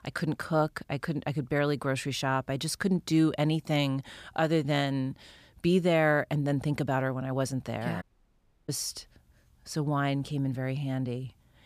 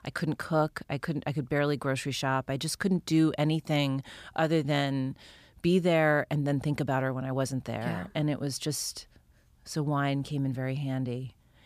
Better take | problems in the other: second | audio cutting out; at 8 s for 0.5 s

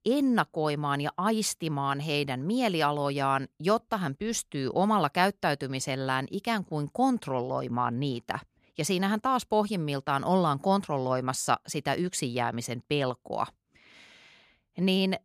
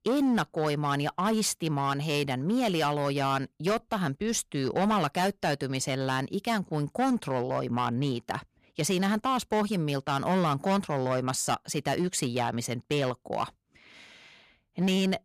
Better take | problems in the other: first | distortion; slight; 9% of the sound clipped

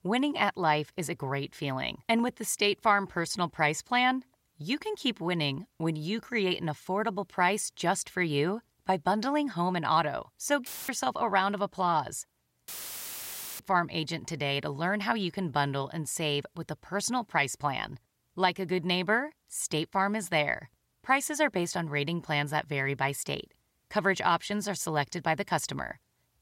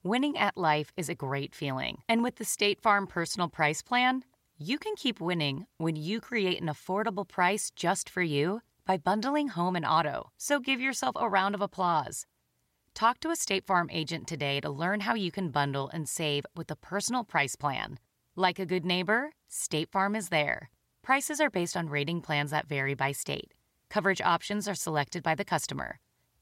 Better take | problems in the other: second | audio cutting out; filled with static; at 11 s and at 13 s for 1 s

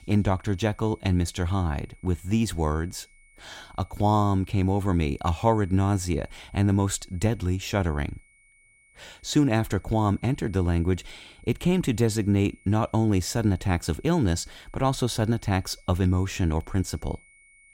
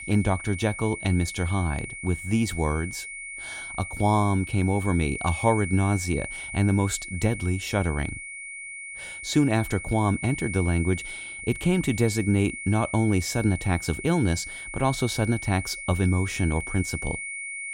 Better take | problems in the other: first | high-pitched whine; loud; throughout; 2 kHz, 9 dB below the speech; faint in the first

